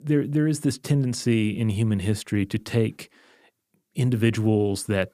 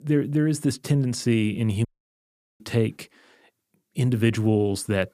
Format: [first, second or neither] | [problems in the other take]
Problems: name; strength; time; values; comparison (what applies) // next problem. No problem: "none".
first | audio cutting out; at 2 s for 1 s